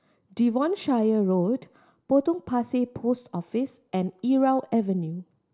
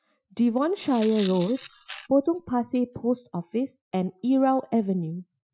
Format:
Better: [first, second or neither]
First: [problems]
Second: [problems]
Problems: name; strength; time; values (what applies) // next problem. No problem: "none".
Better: first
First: none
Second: noise reduction (classical method Wiener filter)